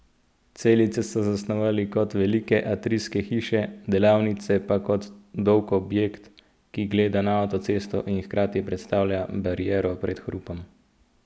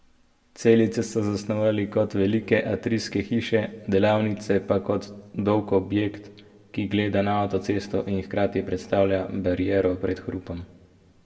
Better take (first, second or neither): first